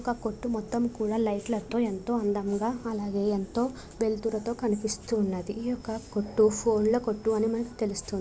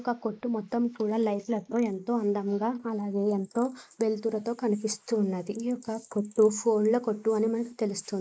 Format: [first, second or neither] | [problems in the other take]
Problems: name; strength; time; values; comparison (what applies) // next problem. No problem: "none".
first | noise reduction (neural mask model Resemble Enhance denoiser)